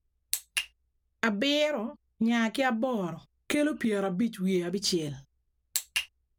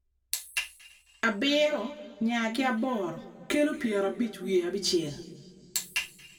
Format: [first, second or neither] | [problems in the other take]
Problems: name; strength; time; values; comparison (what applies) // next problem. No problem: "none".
first | room echo; dies away in 1.4 s